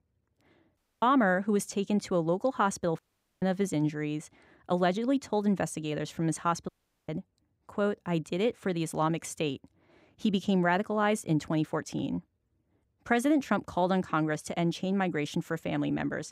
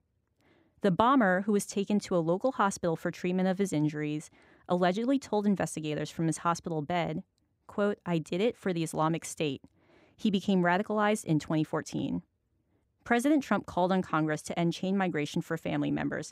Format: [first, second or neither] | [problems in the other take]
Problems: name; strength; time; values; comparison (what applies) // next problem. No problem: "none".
second | audio cutting out; at 1 s, at 3 s and at 6.5 s